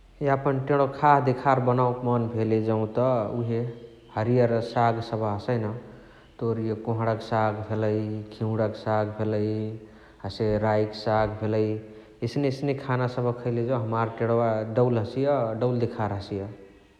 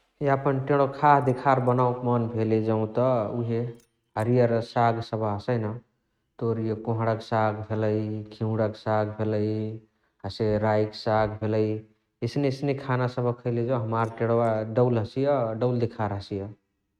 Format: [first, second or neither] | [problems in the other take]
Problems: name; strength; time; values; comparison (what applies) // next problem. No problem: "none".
first | noise reduction (neural mask model RNNoise)